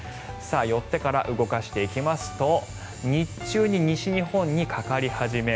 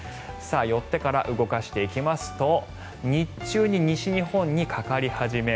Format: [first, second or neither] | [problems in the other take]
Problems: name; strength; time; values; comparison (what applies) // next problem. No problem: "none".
second | background sound (Domestic sounds, home sounds); 19 dB below the speech